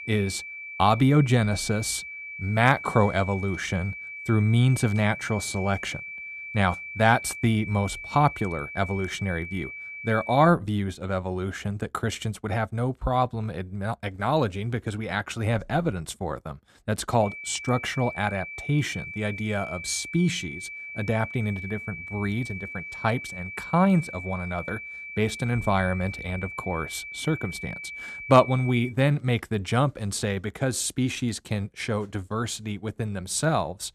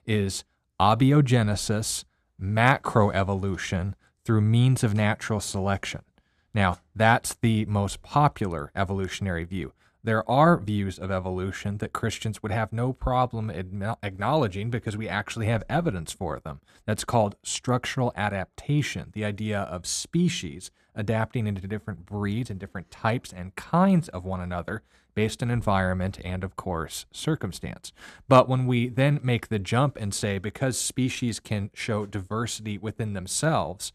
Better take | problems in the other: second | high-pitched whine; loud; until 10 s and from 17 to 29 s; 2.5 kHz, 10 dB below the speech

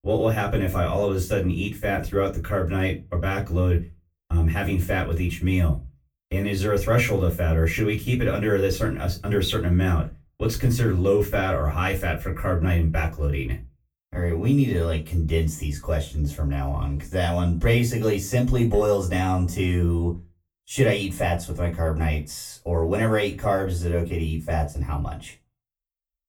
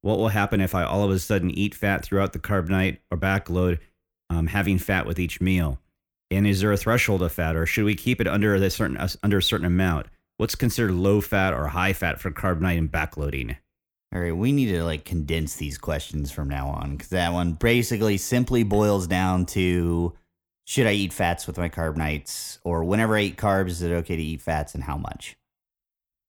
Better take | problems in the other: second | off-mic speech; far // room echo; very slight; dies away in 0.2 s

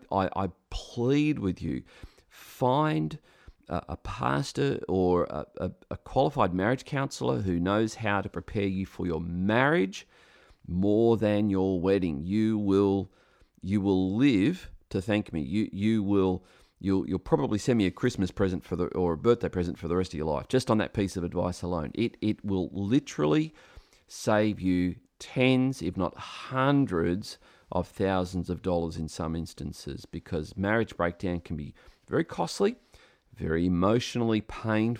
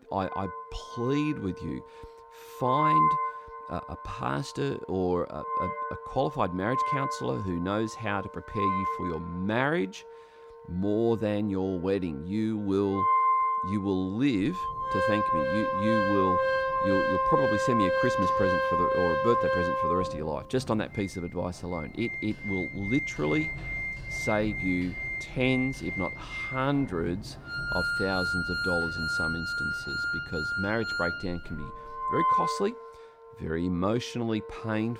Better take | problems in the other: first | background music; very loud; throughout; 2 dB above the speech

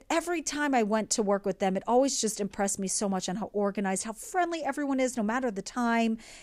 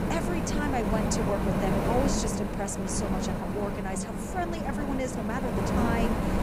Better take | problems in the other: first | wind noise on the microphone; heavy; 1 dB above the speech

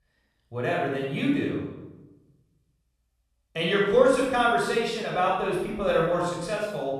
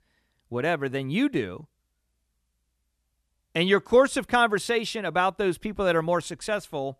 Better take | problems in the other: second | off-mic speech; far // room echo; strong; dies away in 0.8 s

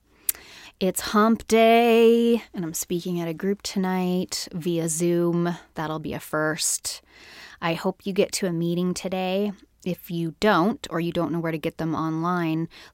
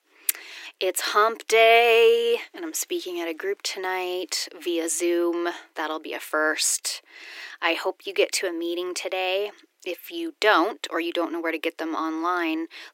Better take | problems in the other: first | thin; very; fading below 300 Hz

